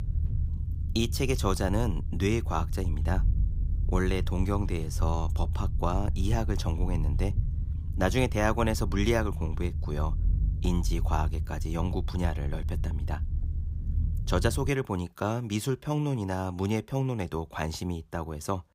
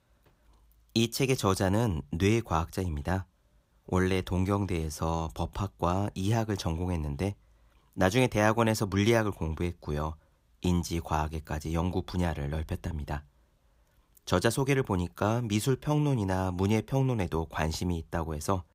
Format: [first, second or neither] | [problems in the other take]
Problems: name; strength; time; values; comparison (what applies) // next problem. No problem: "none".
second | low rumble; noticeable; until 15 s; 15 dB below the speech